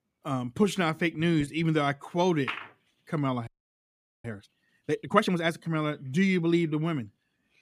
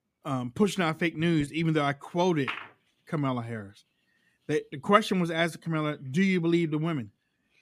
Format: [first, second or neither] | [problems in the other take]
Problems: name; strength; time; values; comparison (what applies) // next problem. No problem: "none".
second | audio freezing; at 3.5 s for 1 s